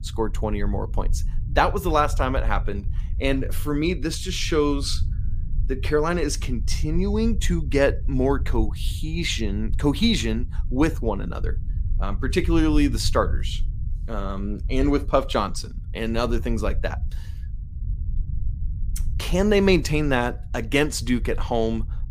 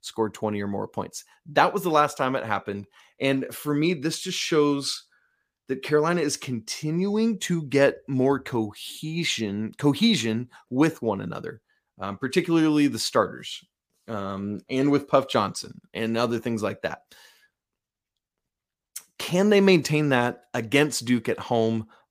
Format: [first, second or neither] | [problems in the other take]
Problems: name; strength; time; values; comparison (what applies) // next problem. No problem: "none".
second | low rumble; faint; throughout; 25 dB below the speech